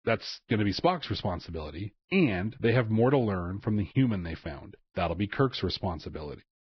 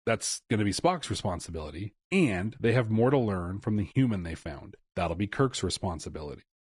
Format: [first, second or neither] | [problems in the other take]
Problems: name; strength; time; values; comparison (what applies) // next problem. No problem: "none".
second | garbled, watery; badly; nothing above 5.5 kHz; slightly in the second